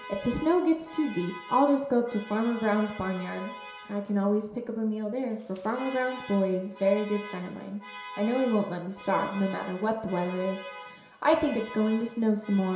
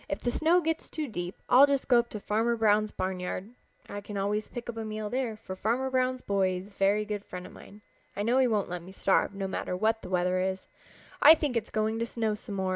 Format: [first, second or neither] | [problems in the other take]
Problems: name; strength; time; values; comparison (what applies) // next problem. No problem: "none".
second | background sound (Alarm); 16 dB below the speech // room echo; dies away in 0.7 s